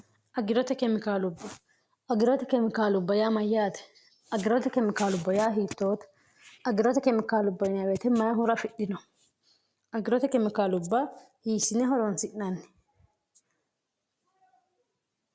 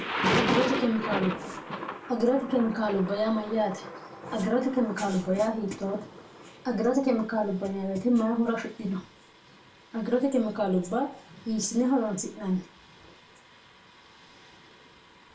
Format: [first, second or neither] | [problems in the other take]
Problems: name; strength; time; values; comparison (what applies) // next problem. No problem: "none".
first | background sound (Thunder); 8 dB below the speech // room echo; dies away in 0.2 s